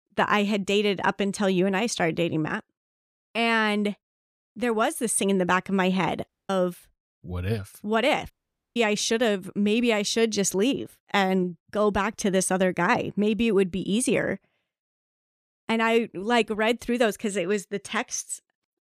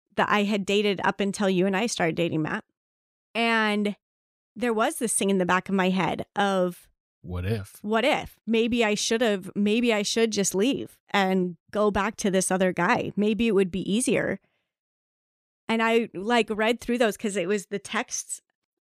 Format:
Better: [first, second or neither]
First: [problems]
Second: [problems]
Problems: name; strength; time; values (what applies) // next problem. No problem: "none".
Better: second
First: audio cutting out; at 6.5 s and at 8.5 s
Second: none